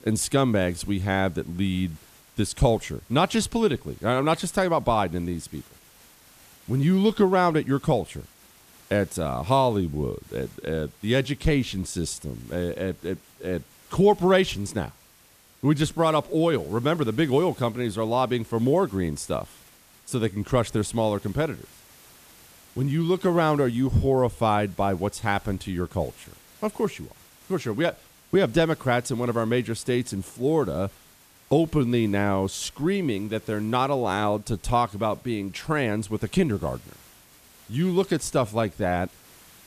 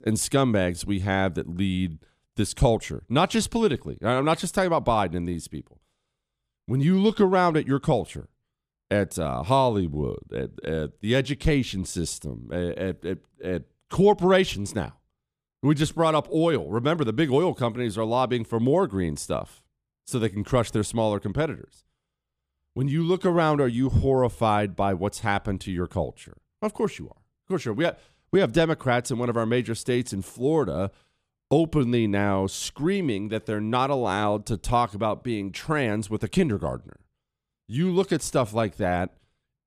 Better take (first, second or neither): second